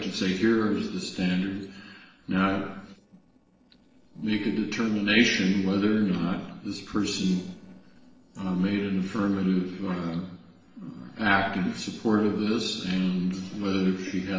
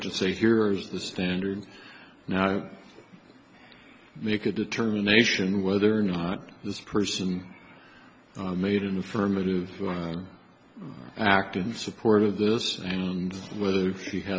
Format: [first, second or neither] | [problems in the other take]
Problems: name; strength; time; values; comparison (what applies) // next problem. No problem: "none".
second | noise reduction (neural separator model SepFormer DNS4)